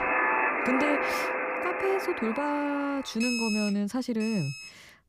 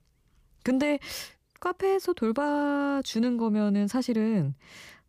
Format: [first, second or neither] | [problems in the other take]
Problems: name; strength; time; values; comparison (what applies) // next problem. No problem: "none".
second | alarms or sirens; very loud; throughout; 1 dB above the speech